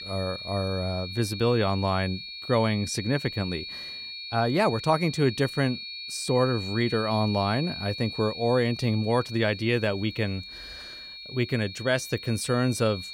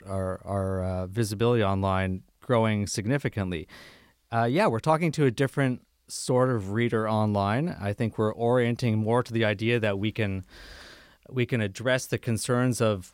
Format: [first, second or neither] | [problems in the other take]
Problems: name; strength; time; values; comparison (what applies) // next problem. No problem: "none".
second | high-pitched whine; loud; throughout; 4.5 kHz, 9 dB below the speech